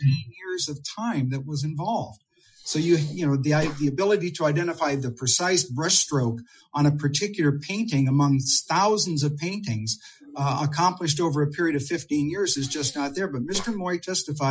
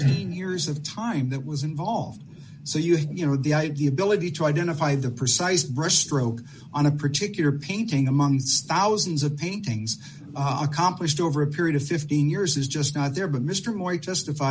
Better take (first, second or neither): second